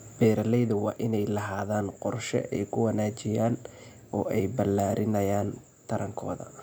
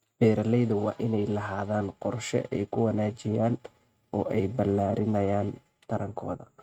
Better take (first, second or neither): first